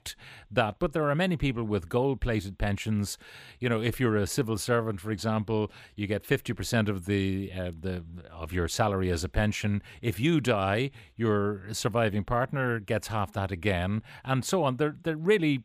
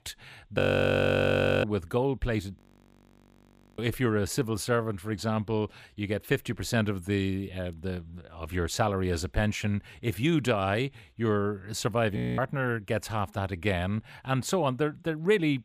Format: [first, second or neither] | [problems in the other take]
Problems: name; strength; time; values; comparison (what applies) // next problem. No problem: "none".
first | audio freezing; at 0.5 s for 1 s, at 2.5 s for 1 s and at 12 s